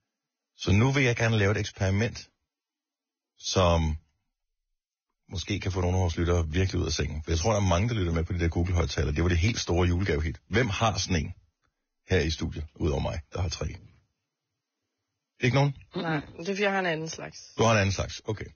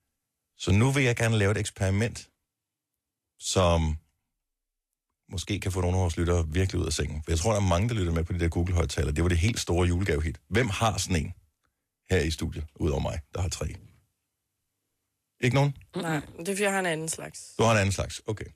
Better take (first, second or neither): second